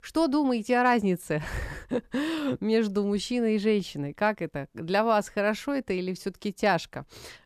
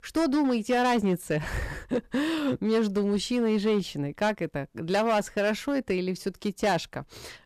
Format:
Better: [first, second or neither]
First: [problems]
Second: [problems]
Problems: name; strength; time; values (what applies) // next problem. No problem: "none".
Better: first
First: none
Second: distortion; slight; 7% of the sound clipped